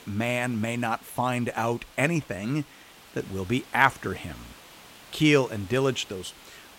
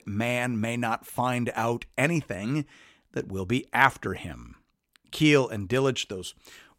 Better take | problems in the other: second | hiss; faint; throughout; 20 dB below the speech

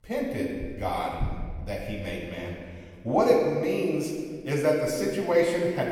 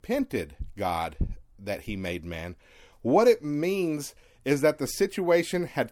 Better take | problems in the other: second | off-mic speech; far // room echo; noticeable; dies away in 1.5 s

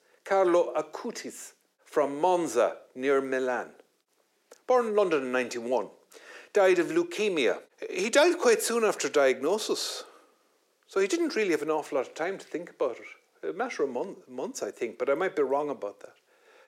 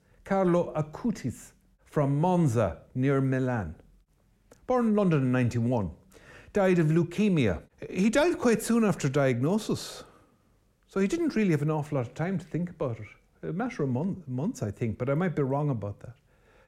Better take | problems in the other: second | thin; very; fading below 350 Hz

